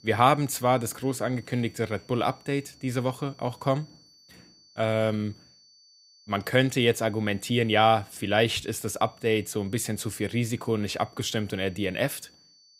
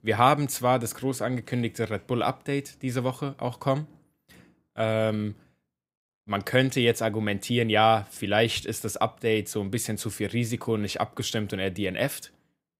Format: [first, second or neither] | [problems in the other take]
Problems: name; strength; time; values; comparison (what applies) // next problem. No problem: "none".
second | high-pitched whine; faint; throughout; 4.5 kHz, 30 dB below the speech